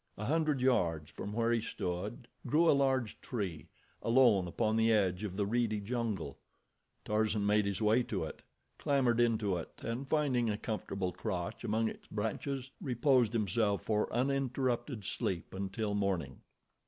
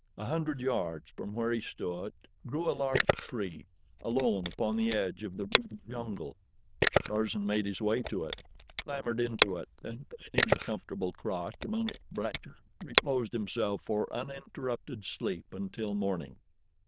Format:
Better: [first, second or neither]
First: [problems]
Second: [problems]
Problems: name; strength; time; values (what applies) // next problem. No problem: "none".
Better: first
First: none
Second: noise reduction (neural diffusion model UNIVERSE++)